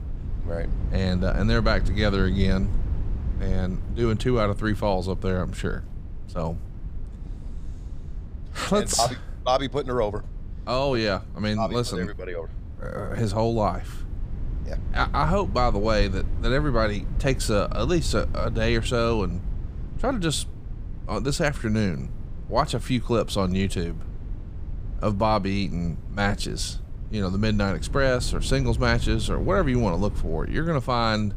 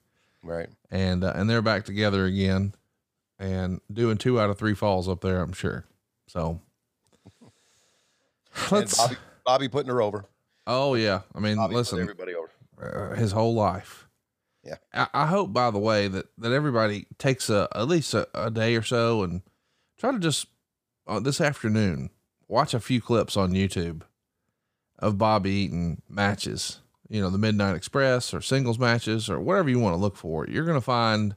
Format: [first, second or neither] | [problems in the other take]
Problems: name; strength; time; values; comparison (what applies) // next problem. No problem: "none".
second | low rumble; faint; throughout; 20 dB below the speech